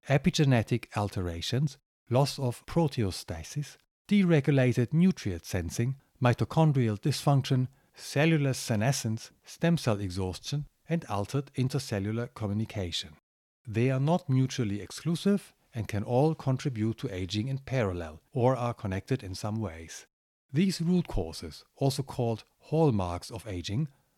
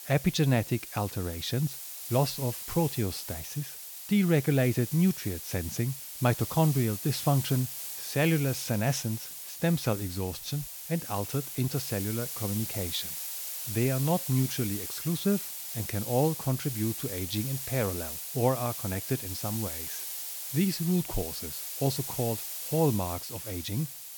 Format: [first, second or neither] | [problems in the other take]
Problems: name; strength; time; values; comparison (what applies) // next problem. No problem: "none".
first | hiss; loud; throughout; 6 dB below the speech